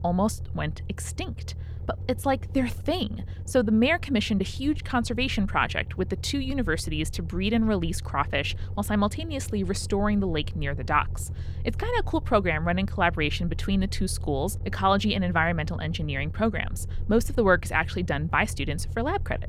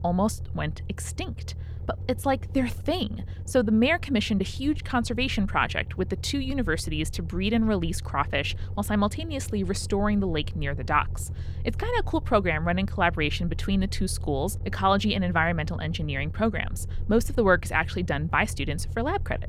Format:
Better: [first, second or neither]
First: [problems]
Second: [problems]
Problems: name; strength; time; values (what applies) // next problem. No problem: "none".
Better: neither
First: low rumble; faint; throughout; 25 dB below the speech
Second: low rumble; faint; throughout; 25 dB below the speech